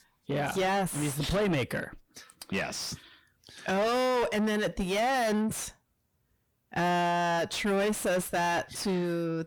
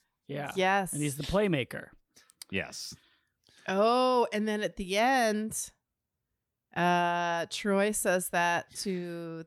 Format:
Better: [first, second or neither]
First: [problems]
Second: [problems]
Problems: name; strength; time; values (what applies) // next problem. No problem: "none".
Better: second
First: distortion; heavy; 5 dB below the speech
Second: none